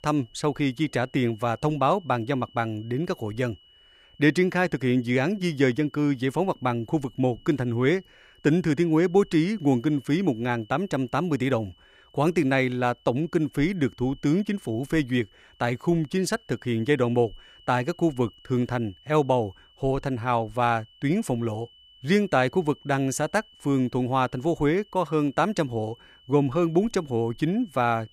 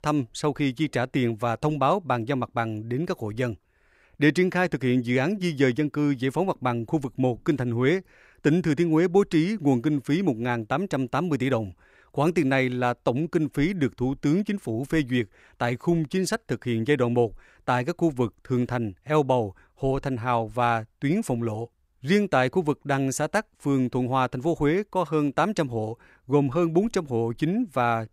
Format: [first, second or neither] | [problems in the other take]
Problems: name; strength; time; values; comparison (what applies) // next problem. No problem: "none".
second | high-pitched whine; faint; throughout; 3 kHz, 30 dB below the speech